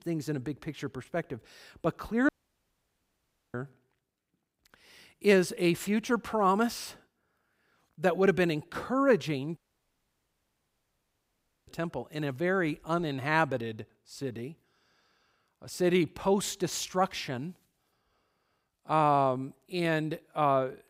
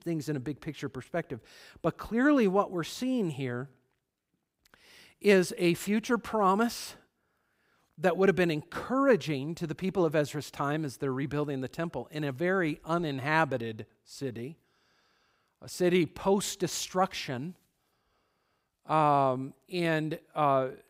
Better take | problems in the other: second | audio cutting out; at 2.5 s for 1.5 s and at 9.5 s for 2 s

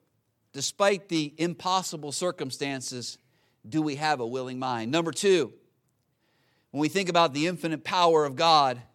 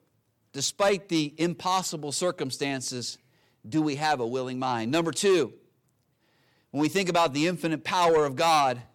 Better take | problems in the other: first | distortion; slight; 10 dB below the speech

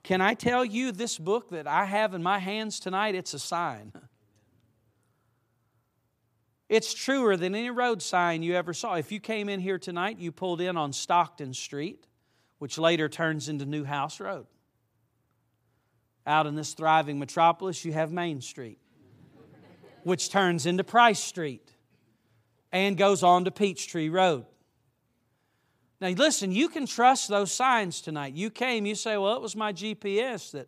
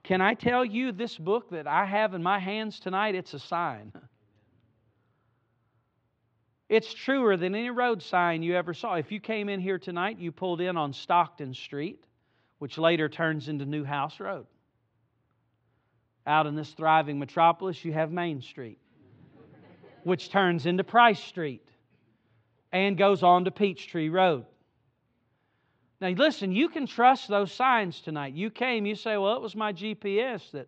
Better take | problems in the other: first | muffled; slightly; fading above 3.5 kHz

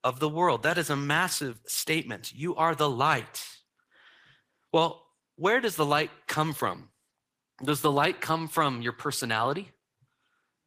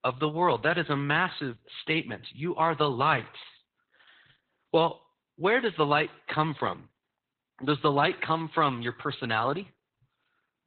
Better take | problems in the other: first | garbled, watery; badly; nothing above 4 kHz; slightly in the first

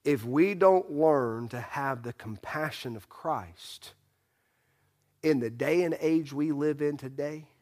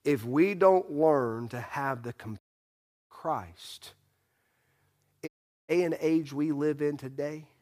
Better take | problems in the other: first | audio cutting out; at 2.5 s for 0.5 s and at 5.5 s

